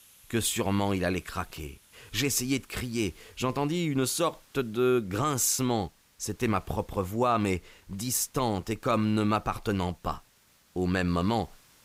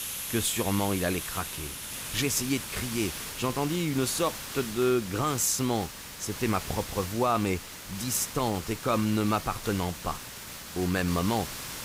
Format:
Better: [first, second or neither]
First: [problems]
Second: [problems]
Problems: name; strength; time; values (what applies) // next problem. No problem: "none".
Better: first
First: hiss; faint; throughout; 30 dB below the speech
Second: hiss; loud; throughout; 7 dB below the speech